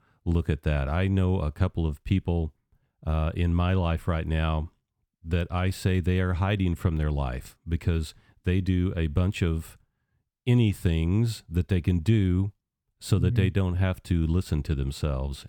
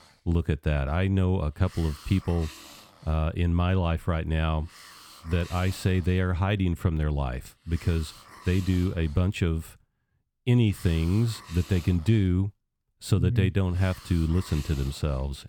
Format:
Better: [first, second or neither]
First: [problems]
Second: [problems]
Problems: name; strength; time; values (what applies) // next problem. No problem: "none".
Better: first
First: none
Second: hiss; noticeable; throughout; 20 dB below the speech